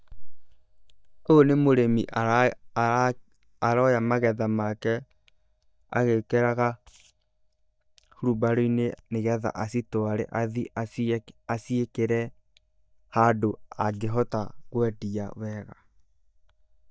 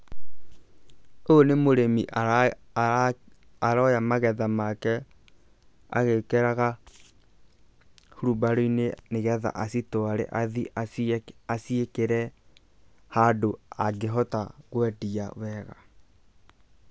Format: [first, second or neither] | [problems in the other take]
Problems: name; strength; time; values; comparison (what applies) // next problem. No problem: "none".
second | noise reduction (neural mask model DeepFilterNet 3)